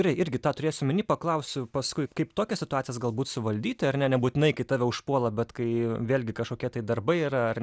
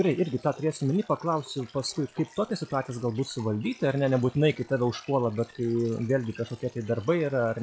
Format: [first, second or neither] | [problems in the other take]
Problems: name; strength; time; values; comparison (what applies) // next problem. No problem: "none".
first | noise reduction (classical method log-MMSE)